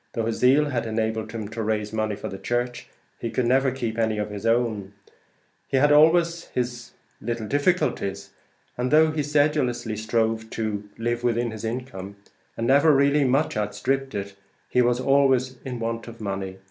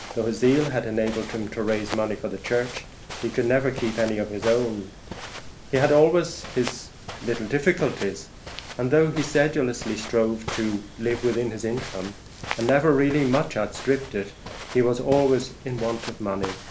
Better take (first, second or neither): first